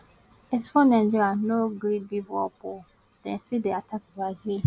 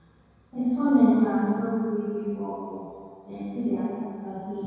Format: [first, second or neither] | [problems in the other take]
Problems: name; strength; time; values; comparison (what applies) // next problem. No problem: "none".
first | room echo; dies away in 2 s